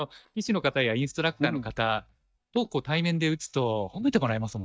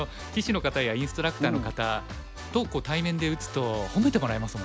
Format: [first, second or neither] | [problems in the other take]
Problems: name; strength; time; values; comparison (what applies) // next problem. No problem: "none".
second | noise reduction (neural mask model DeepFilterNet 3)